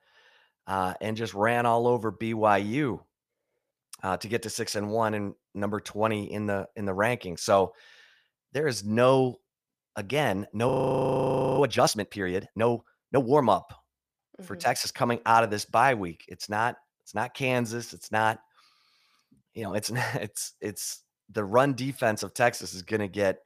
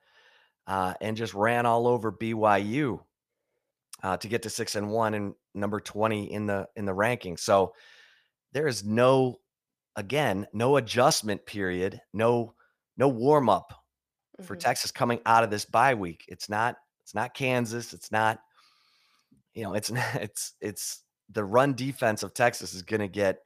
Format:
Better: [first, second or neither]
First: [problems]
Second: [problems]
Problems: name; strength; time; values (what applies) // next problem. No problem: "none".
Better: second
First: audio freezing; at 11 s for 1 s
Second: none